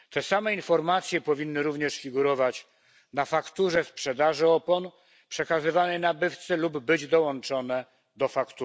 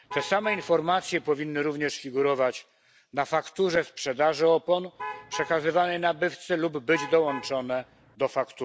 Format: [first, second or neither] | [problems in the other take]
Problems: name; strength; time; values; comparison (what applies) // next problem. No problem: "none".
first | background sound (Alarm / Truck); 13 dB below the speech